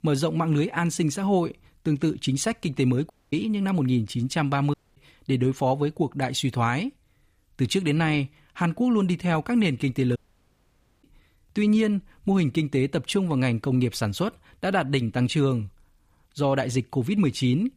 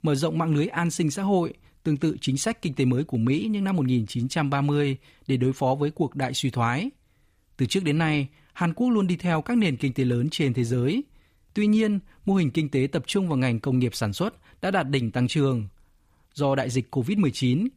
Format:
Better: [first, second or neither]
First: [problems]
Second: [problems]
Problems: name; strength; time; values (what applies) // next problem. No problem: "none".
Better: second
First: audio cutting out; at 3 s, at 4.5 s and at 10 s for 1 s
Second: none